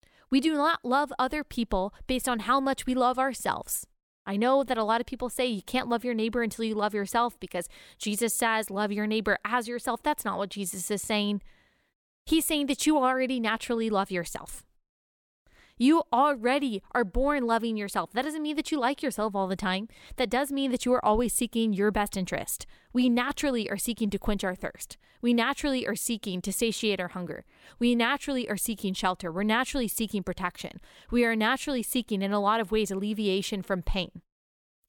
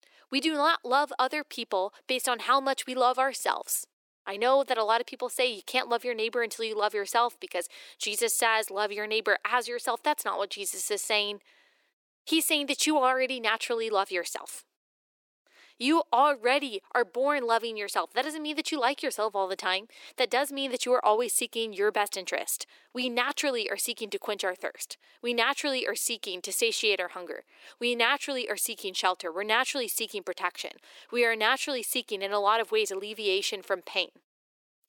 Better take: first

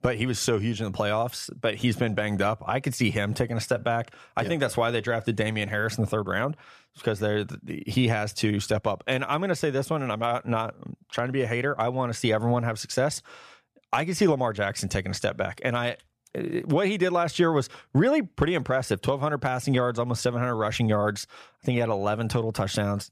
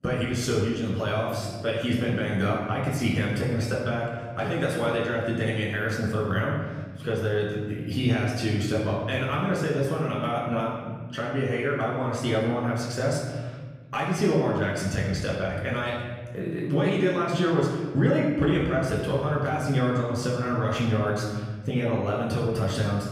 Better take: first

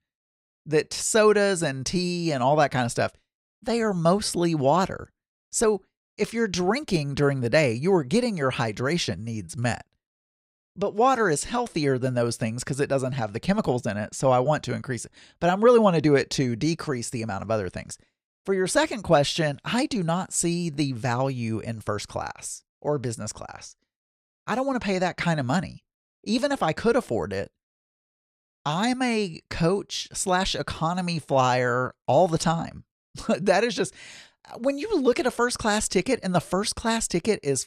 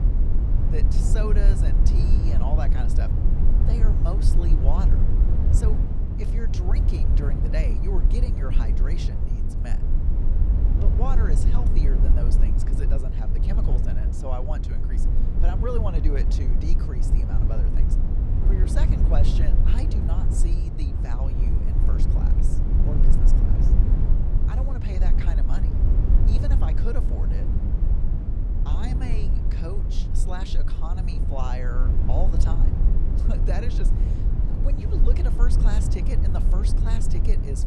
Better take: first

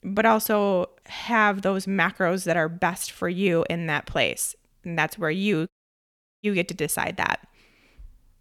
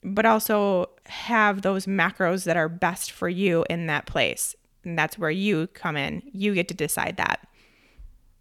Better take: second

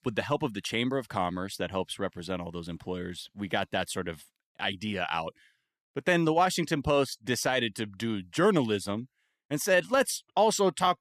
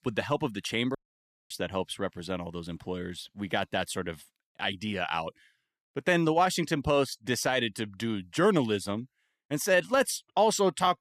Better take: first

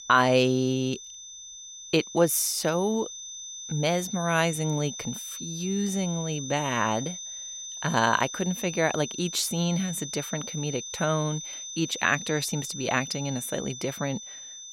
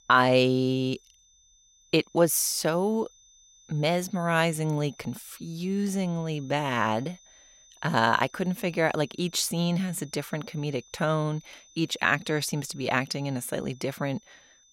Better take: second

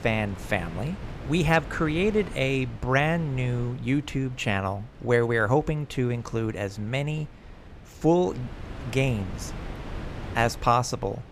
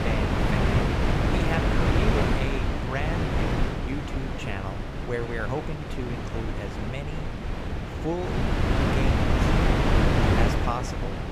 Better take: first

